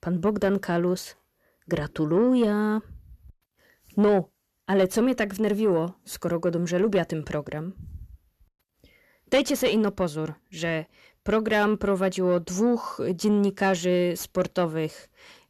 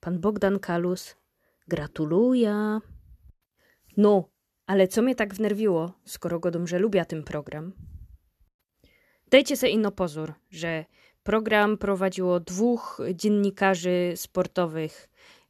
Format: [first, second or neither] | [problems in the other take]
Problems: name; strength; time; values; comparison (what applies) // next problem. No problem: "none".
second | distortion; slight; 10 dB below the speech